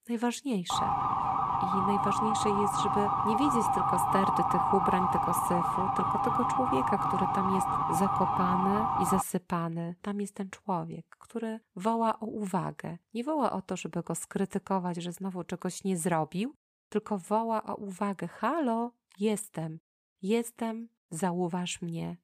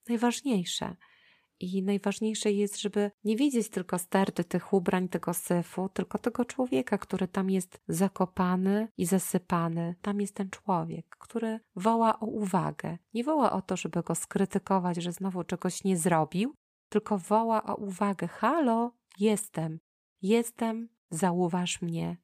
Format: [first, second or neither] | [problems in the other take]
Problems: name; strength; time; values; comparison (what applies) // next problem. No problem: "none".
second | siren; loud; from 0.5 to 9 s; peak 6 dB above the speech